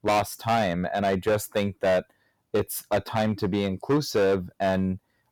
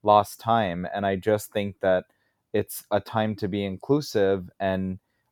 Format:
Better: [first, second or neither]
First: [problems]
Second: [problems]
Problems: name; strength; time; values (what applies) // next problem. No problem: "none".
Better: second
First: distortion; heavy; 9% of the sound clipped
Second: none